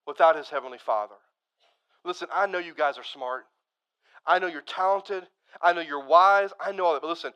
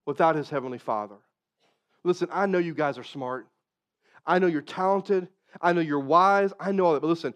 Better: second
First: thin; very; fading below 600 Hz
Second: none

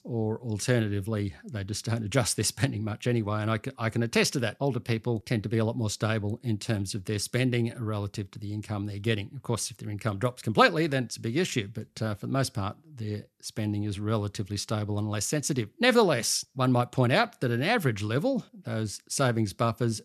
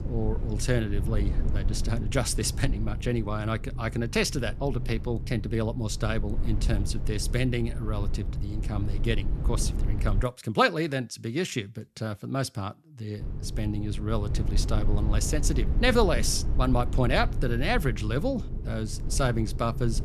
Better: first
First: none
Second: low rumble; noticeable; until 10 s and from 13 s on; 15 dB below the speech

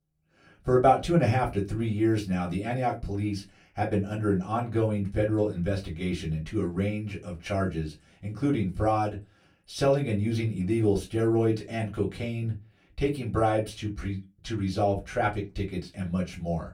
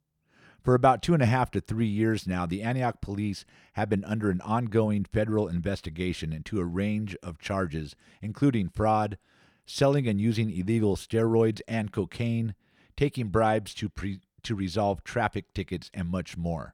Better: second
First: off-mic speech; far // room echo; very slight; dies away in 0.2 s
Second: none

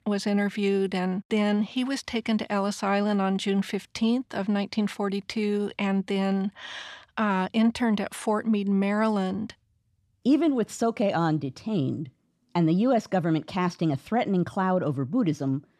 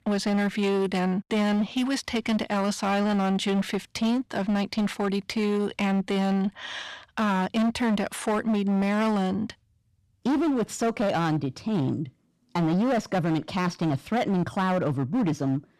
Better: first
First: none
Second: distortion; slight; 20% of the sound clipped

